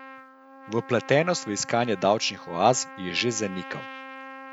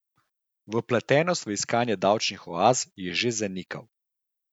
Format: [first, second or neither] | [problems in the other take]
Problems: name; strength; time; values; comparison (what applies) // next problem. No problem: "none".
second | background sound (Trumpet); 16 dB below the speech